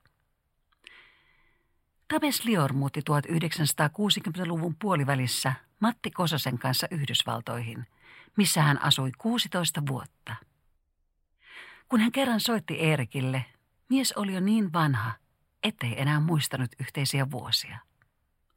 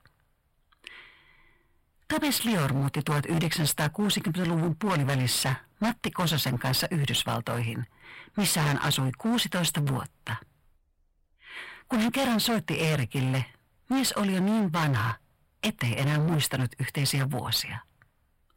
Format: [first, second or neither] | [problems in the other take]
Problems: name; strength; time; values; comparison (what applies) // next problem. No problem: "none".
first | distortion; heavy; 21% of the sound clipped